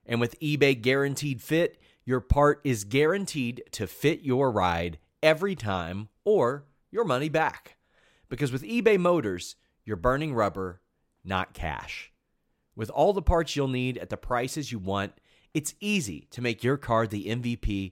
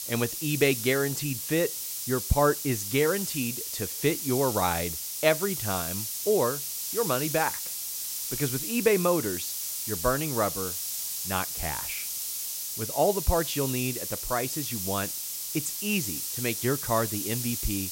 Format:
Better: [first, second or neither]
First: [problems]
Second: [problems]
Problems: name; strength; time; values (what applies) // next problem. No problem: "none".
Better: first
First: none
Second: hiss; loud; throughout; 2 dB below the speech